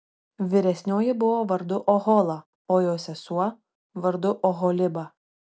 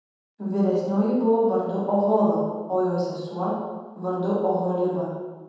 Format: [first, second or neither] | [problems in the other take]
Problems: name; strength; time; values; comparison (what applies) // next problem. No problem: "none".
first | room echo; dies away in 1.2 s